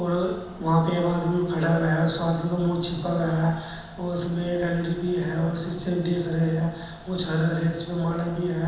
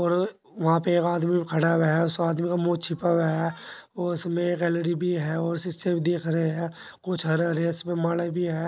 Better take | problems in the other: second | background sound (Mechanical fan); 19 dB below the speech // room echo; dies away in 1.1 s

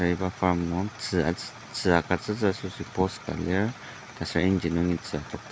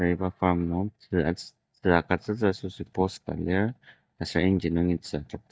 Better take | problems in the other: first | noise reduction (neural mask model DeepFilterNet 3)

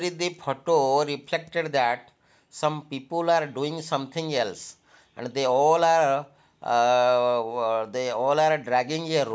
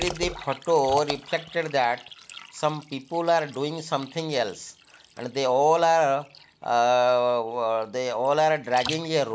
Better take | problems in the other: first | background sound (Liquid); 16 dB below the speech

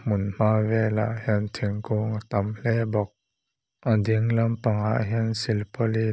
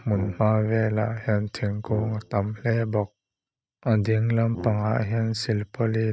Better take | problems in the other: first | noise reduction (neural mask model RNNoise)

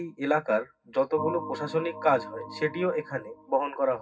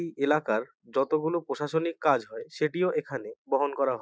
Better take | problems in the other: second | background sound (Organ); 13 dB below the speech // room echo; dies away in 0.4 s

